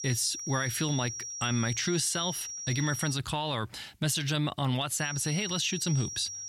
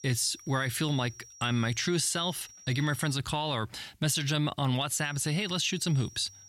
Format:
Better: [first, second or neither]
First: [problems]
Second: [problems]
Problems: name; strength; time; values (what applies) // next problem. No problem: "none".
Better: second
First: high-pitched whine; loud; until 3 s and from 5 s on; 5.5 kHz, 6 dB below the speech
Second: high-pitched whine; faint; until 3 s and from 5 s on; 5.5 kHz, 20 dB below the speech